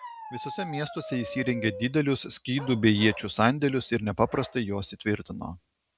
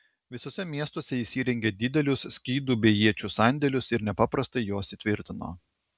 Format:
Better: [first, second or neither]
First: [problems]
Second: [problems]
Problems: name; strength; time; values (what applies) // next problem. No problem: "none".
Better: second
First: background sound (Bark); 15 dB below the speech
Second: none